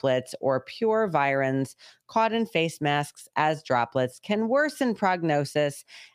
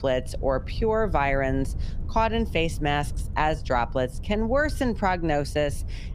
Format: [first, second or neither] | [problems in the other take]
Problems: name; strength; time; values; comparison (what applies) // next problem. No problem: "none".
first | low rumble; faint; throughout; 25 dB below the speech